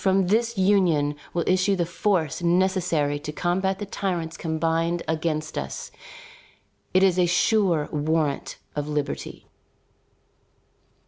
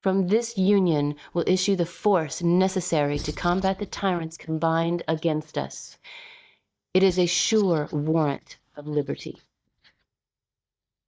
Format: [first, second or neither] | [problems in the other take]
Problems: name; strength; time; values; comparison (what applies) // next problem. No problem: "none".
first | noise reduction (neural mask model DeepFilterNet 3)